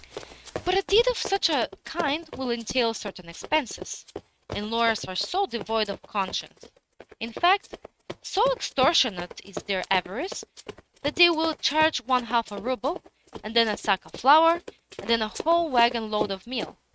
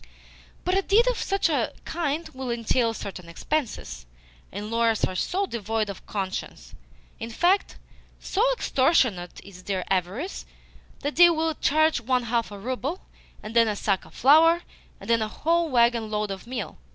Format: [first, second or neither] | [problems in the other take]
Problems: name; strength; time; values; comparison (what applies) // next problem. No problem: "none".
second | noise reduction (neural mask model RNNoise)